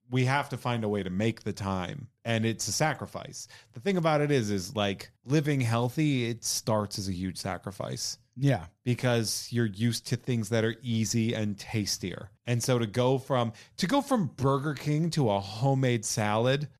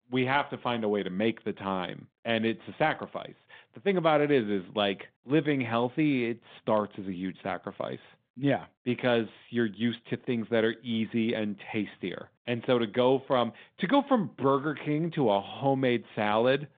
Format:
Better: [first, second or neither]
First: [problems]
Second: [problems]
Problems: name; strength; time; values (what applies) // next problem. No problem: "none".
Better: first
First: none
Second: phone-call audio; nothing above 3.5 kHz